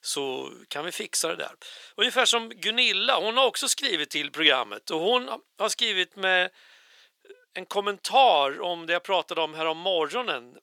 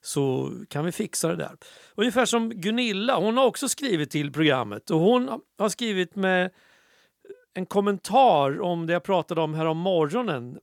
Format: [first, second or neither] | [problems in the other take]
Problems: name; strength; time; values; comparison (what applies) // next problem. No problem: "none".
second | thin; somewhat; fading below 500 Hz